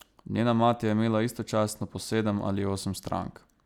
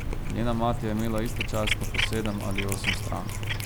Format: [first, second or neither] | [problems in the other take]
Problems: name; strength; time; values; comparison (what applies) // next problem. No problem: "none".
first | background sound (Cat); 2 dB above the speech